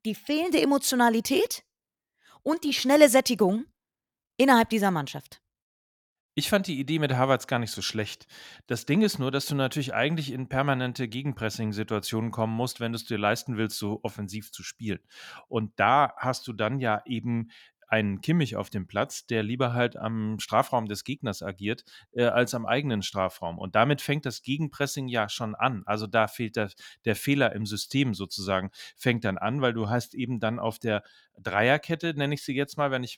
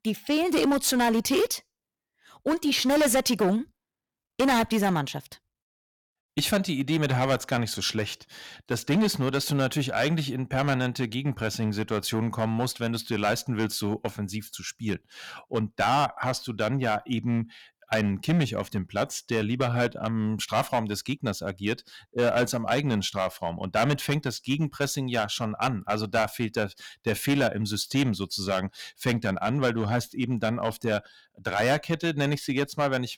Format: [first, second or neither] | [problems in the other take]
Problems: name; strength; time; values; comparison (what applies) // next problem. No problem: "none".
first | distortion; heavy; 6% of the sound clipped